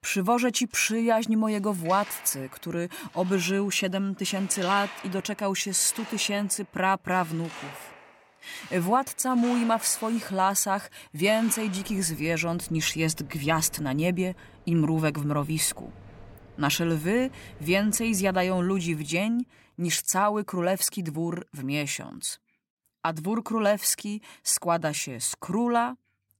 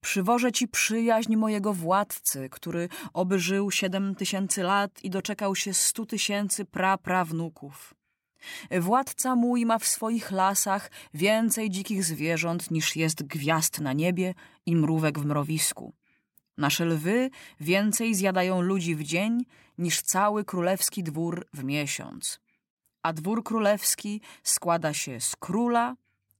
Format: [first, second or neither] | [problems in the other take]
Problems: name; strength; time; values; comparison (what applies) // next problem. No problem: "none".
second | machinery noise; noticeable; until 19 s; 20 dB below the speech